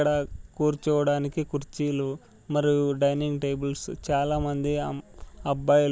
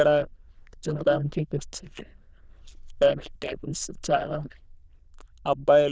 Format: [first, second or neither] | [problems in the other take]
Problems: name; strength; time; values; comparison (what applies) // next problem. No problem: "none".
first | noise reduction (neural diffusion model UNIVERSE++)